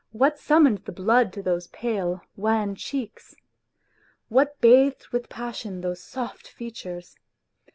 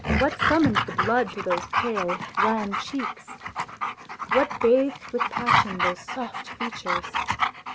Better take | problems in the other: first | background sound (Dog); as loud as the speech

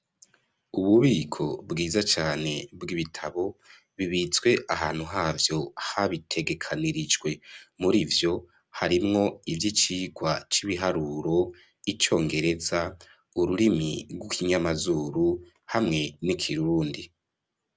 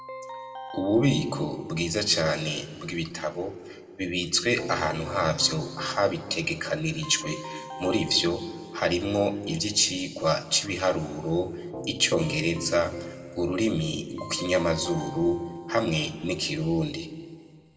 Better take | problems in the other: first | background sound (Keyboard (musical)); 15 dB below the speech // room echo; dies away in 1.6 s

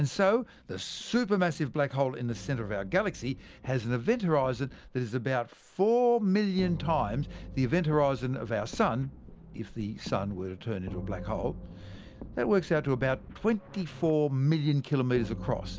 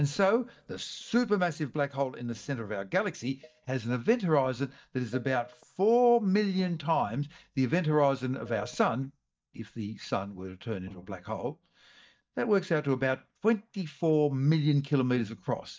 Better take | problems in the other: first | noise reduction (neural mask model DeepFilterNet 3)

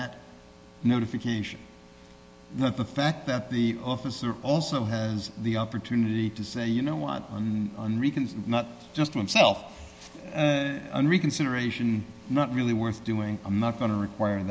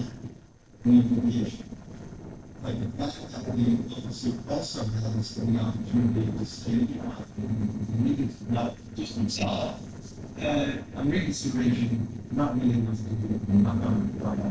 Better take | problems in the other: first | noise reduction (neural separator model SepFormer DNS4)

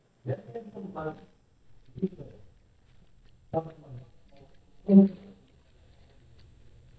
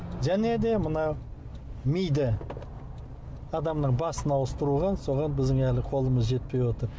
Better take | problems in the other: second | noise reduction (neural mask model DeepFilterNet 3)

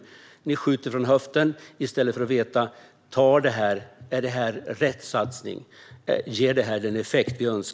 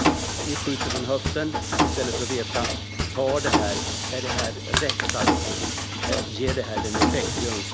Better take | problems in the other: first | background sound (Mechanisms + Crushing); 4 dB above the speech

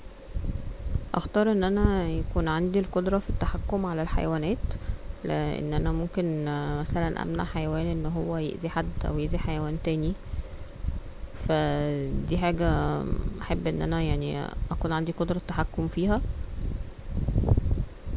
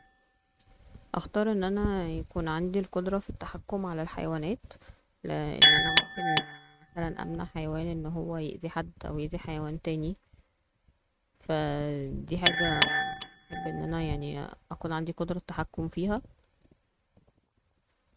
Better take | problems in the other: first | noise reduction (neural mask model RNNoise)

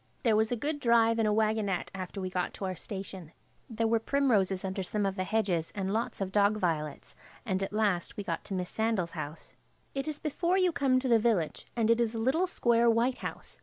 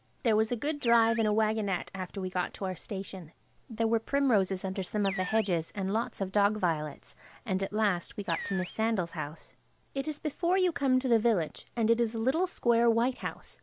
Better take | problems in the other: first | background sound (Animal); 14 dB below the speech

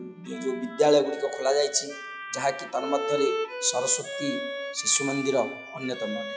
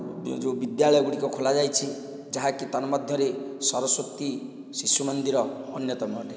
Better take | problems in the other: second | noise reduction (classical method log-MMSE)

